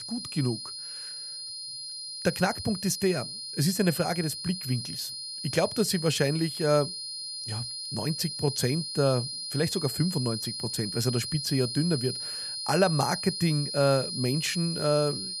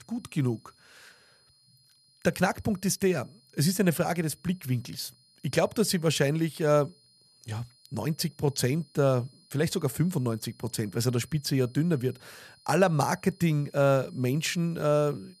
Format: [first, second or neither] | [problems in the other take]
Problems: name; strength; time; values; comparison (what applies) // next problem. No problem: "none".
second | high-pitched whine; loud; throughout; 4 kHz, 5 dB below the speech; faint in the second